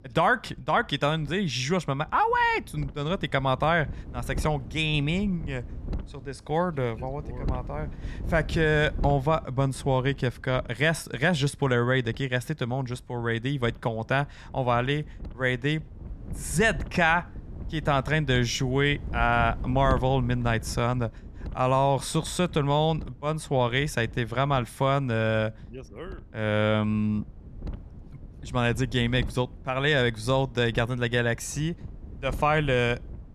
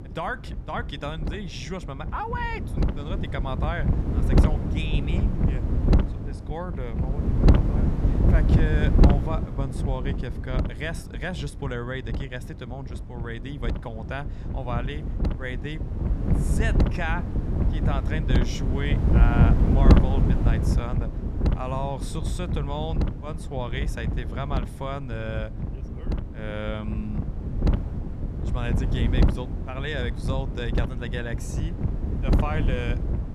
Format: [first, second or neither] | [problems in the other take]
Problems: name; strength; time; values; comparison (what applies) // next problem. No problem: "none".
first | wind noise on the microphone; heavy; 2 dB below the speech; occasional gusts in the first